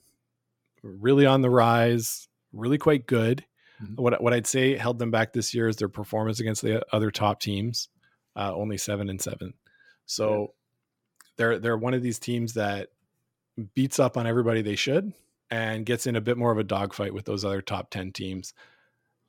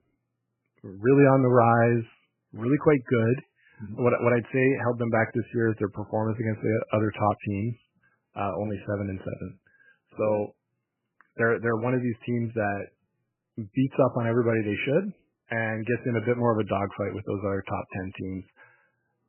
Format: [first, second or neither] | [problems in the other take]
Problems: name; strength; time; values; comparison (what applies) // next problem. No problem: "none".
first | garbled, watery; badly; nothing above 2.5 kHz